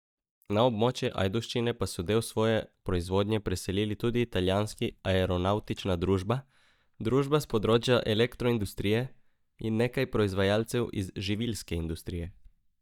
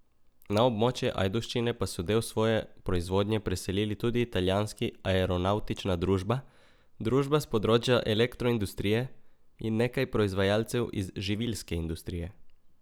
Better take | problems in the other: second | noise reduction (neural mask model DeepFilterNet 3)

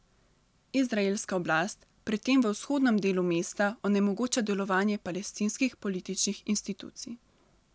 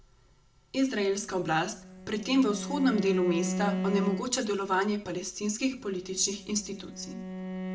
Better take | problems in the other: first | background sound (Bowed string instrument); 7 dB below the speech // room echo; dies away in 0.3 s

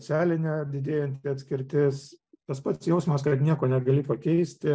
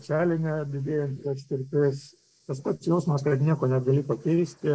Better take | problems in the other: first | noise reduction (neural mask model Resemble Enhance denoiser)

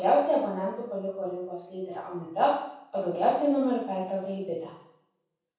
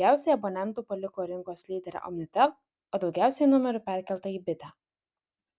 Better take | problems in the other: second | room echo; dies away in 0.7 s

